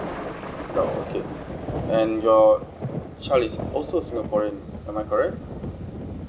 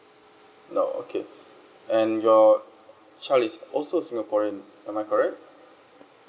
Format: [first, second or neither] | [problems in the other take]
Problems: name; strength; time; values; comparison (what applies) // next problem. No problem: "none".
second | background sound (Thunder); 8 dB below the speech